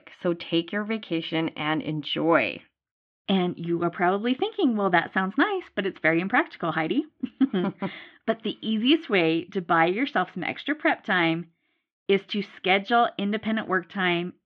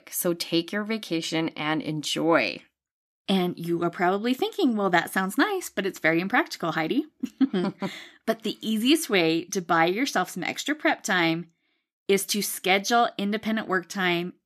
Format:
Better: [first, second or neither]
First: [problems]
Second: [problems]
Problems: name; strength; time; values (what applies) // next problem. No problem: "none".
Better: second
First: muffled; very; fading above 3 kHz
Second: none